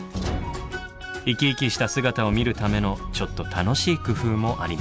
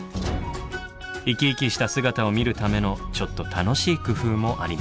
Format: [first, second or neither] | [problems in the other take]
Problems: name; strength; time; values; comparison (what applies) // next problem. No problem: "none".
second | background sound (Tap); 17 dB below the speech